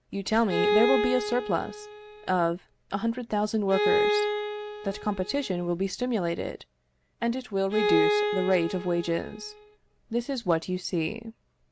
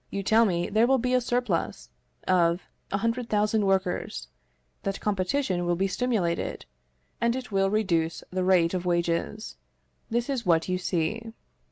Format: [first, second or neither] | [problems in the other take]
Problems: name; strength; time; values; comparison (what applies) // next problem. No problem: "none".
second | background sound (Bowed string instrument); 1 dB below the speech